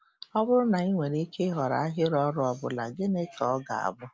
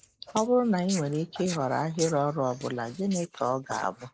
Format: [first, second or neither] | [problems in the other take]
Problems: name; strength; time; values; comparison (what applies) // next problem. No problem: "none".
first | noise reduction (neural mask model Resemble Enhance denoiser)